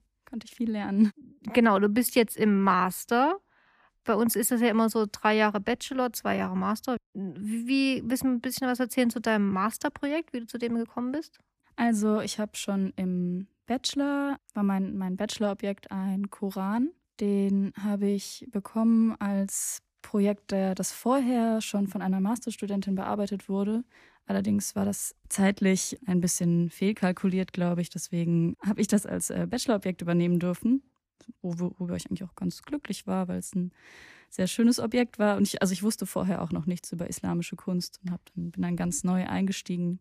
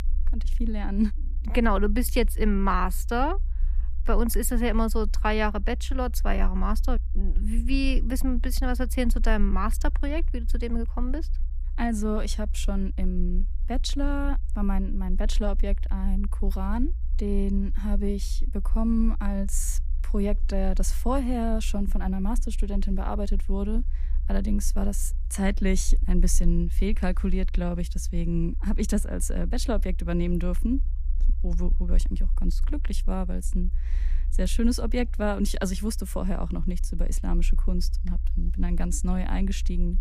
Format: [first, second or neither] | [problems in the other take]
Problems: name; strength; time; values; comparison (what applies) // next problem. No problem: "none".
first | low rumble; faint; throughout; 20 dB below the speech